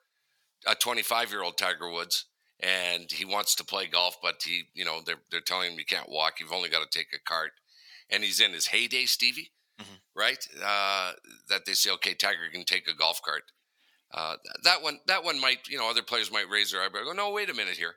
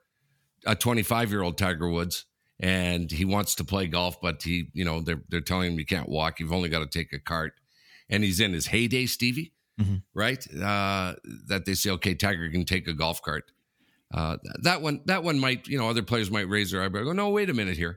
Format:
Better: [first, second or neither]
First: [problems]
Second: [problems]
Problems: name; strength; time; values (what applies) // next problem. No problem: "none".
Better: second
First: thin; very; fading below 700 Hz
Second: none